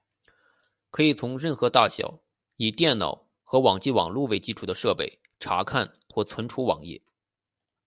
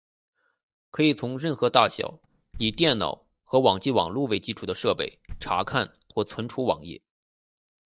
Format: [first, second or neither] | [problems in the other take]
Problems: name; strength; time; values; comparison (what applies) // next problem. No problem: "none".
first | noise reduction (neural mask model DeepFilterNet 3)